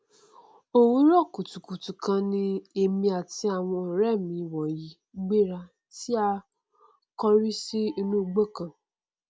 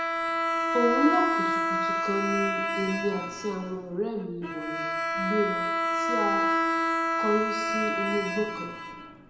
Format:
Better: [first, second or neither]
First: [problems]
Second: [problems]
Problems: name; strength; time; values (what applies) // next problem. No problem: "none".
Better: first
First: none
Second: background sound (Bowed string instrument); 3 dB above the speech // room echo; dies away in 1 s